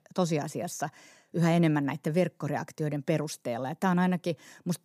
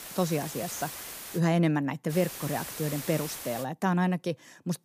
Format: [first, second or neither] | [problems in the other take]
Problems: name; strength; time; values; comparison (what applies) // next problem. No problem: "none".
first | hiss; loud; until 1.5 s and from 2 to 3.5 s; 8 dB below the speech